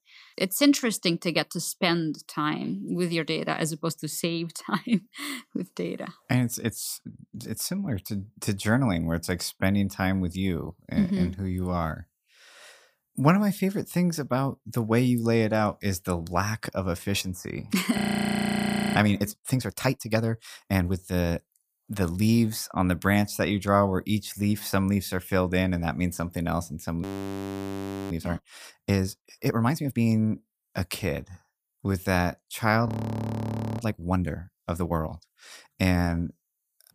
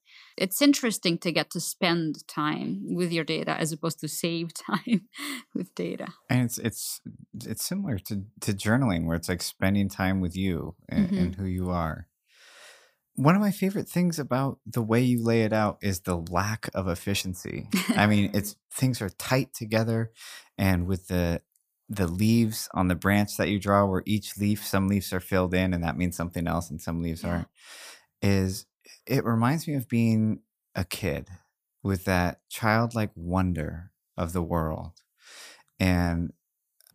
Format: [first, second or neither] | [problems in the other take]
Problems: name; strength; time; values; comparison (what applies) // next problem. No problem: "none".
second | audio freezing; at 18 s for 1 s, at 27 s for 1 s and at 33 s for 1 s